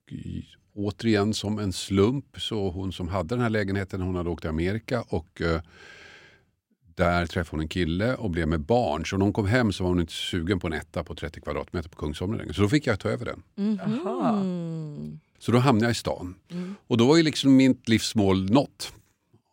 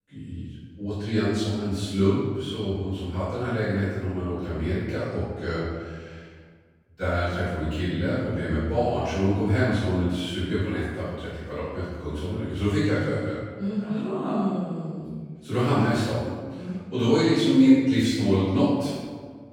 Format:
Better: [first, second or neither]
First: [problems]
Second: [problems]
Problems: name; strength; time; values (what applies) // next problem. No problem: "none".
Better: first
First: none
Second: off-mic speech; far // room echo; strong; dies away in 1.4 s